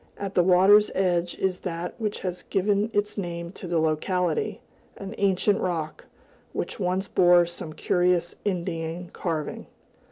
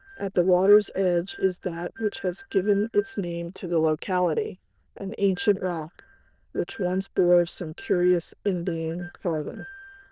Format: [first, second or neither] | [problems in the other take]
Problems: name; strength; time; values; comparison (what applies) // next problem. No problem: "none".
first | noise reduction (neural diffusion model UNIVERSE++)